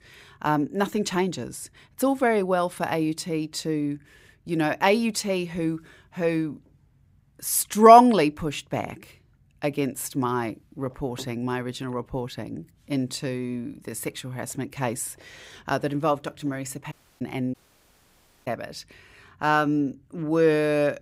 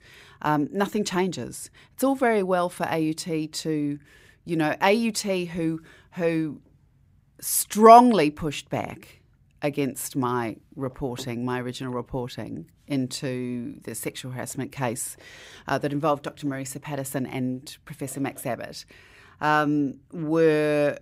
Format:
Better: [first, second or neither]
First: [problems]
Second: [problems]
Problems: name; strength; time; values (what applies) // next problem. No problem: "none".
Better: second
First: audio cutting out; at 17 s and at 18 s for 1 s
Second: none